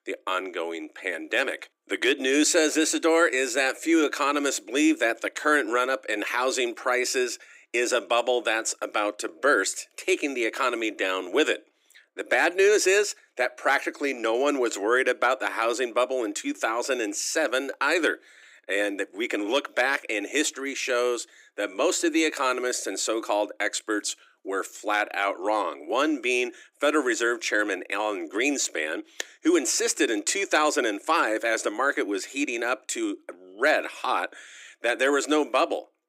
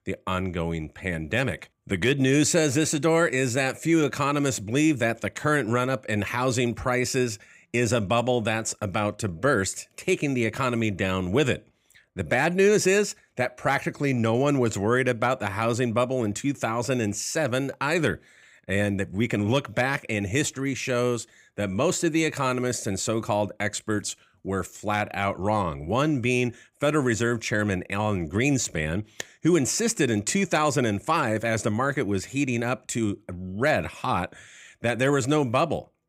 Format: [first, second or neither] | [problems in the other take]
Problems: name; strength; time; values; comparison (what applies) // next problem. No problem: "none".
second | thin; somewhat; fading below 300 Hz